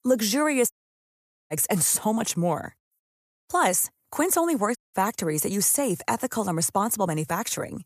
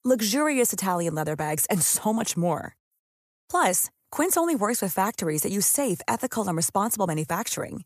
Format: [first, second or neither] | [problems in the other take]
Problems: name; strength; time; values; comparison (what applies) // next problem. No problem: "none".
second | audio cutting out; at 0.5 s for 1 s and at 5 s